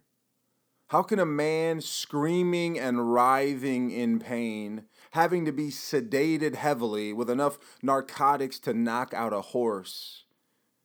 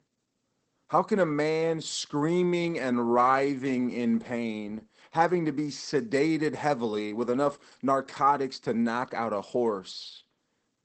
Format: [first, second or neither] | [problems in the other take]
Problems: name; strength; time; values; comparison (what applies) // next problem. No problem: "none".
first | garbled, watery; badly; nothing above 8 kHz